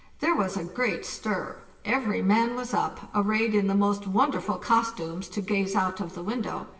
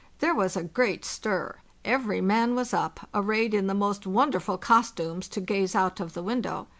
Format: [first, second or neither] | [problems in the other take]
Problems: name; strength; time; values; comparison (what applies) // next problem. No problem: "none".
second | room echo; dies away in 1.4 s